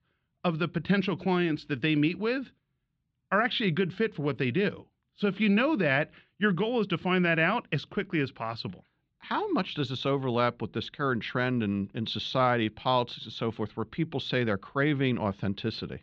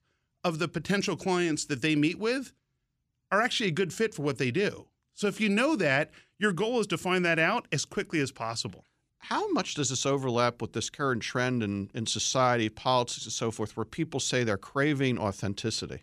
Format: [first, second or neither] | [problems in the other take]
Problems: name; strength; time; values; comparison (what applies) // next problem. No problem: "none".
second | muffled; slightly; fading above 4 kHz